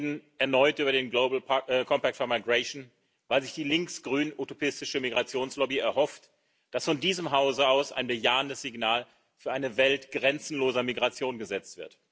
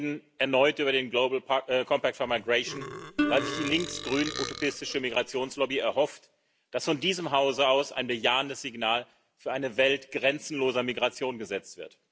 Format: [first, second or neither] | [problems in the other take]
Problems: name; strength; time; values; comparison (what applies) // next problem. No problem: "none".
first | background sound (Plucked string instrument + Burping, eructation); 7 dB below the speech